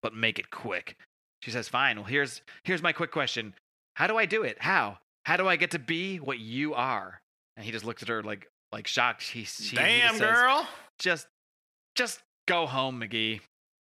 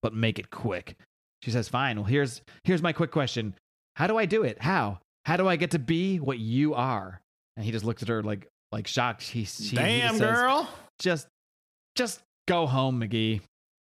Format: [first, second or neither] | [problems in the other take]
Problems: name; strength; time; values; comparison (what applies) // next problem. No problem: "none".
second | thin; somewhat; fading below 450 Hz